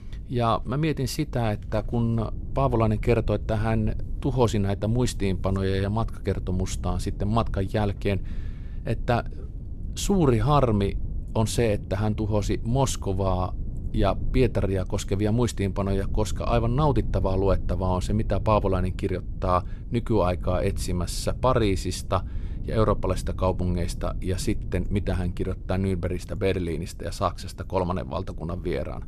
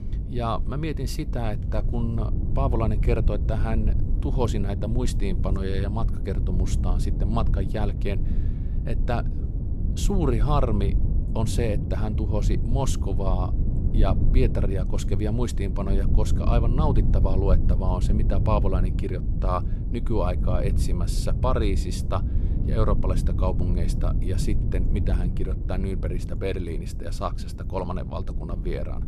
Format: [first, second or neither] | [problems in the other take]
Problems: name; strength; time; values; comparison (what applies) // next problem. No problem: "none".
first | low rumble; loud; throughout; 8 dB below the speech; faint in the first